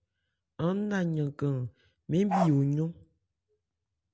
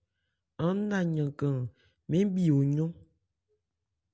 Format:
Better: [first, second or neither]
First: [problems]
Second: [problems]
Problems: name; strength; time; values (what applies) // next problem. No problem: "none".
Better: second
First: background sound (Bark); 2 dB below the speech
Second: none